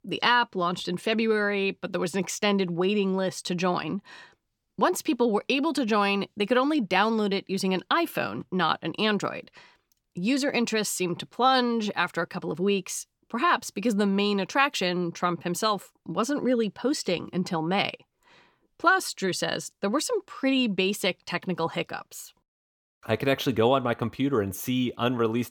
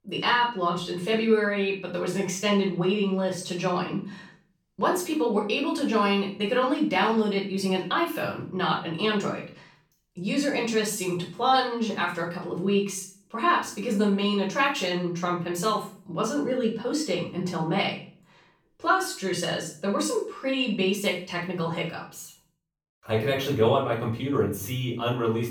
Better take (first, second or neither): first